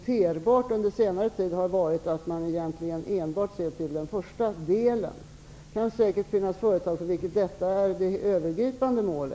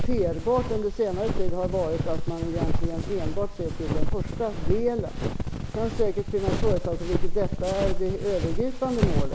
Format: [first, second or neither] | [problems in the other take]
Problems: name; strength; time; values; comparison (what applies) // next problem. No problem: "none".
first | background sound (Walk, footsteps); 3 dB above the speech